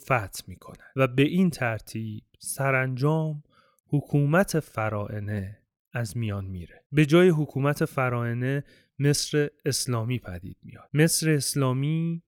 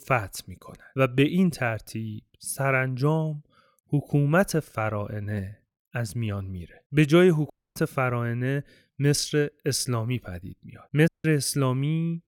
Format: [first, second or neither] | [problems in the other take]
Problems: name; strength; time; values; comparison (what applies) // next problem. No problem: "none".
first | audio cutting out; at 7.5 s and at 11 s